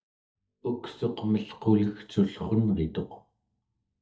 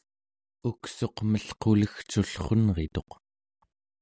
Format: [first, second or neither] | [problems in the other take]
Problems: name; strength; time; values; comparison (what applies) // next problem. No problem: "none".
second | noise reduction (neural mask model DeepFilterNet 3)